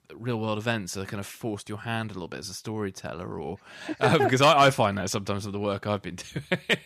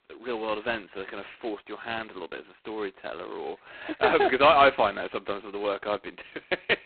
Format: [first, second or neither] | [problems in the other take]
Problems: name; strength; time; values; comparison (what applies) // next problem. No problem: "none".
first | phone-call audio; poor line; nothing above 4 kHz